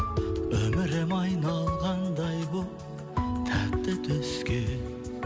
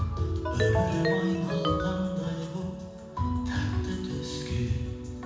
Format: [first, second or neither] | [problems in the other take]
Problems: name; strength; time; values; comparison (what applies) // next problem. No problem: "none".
first | background sound (Ringtone); 2 dB below the speech // room echo; dies away in 1.1 s